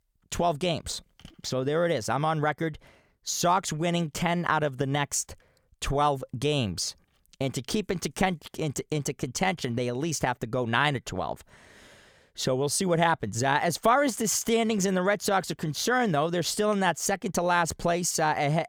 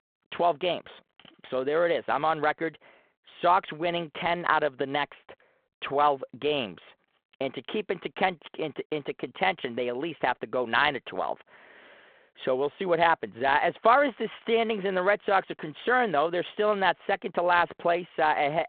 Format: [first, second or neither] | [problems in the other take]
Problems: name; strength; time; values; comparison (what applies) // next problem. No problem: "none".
first | phone-call audio